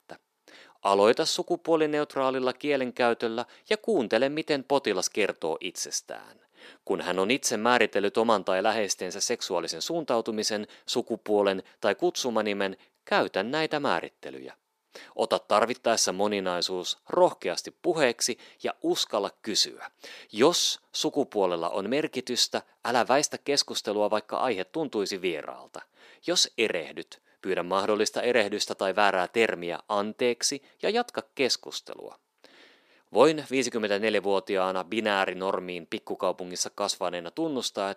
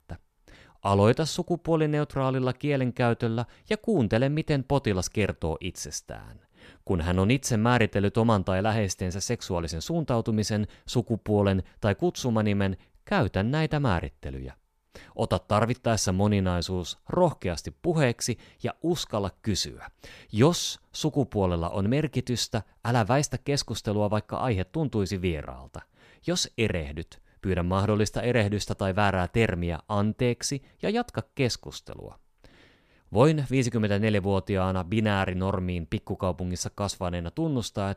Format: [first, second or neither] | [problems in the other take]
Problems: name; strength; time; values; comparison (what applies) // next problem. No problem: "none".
second | thin; somewhat; fading below 300 Hz